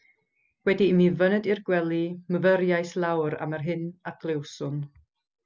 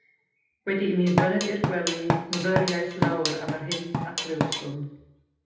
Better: first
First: none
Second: background sound (Drum kit); as loud as the speech // room echo; dies away in 0.8 s

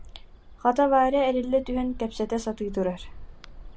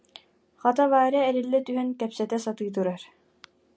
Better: second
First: background sound (Bird); 15 dB below the speech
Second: none

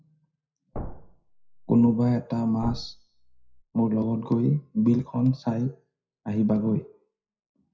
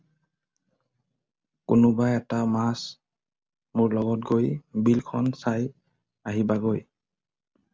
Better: second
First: noise reduction (classical method WPE with log-MMSE)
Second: none

